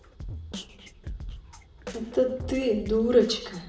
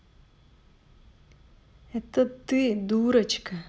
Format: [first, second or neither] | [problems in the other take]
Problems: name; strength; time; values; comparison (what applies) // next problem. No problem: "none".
second | background sound (Drum kit); 12 dB below the speech // room echo; dies away in 0.7 s